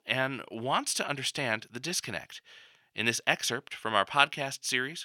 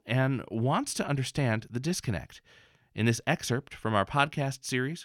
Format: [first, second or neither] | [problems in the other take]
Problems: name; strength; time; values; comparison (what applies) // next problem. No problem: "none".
second | thin; somewhat; fading below 850 Hz